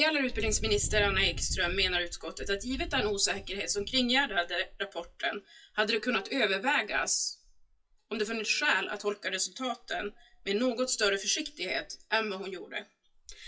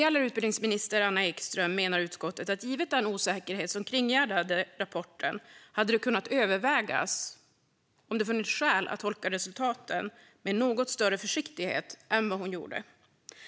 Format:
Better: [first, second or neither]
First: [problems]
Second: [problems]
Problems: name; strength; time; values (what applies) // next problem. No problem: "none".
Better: second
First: noise reduction (classical method WPE with log-MMSE)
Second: none